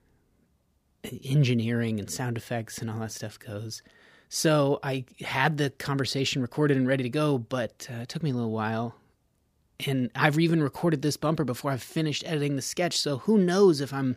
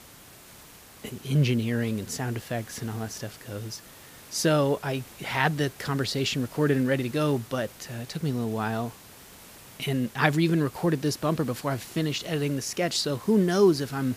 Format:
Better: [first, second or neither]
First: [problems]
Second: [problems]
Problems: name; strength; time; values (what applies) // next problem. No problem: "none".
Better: first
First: none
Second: hiss; noticeable; throughout; 20 dB below the speech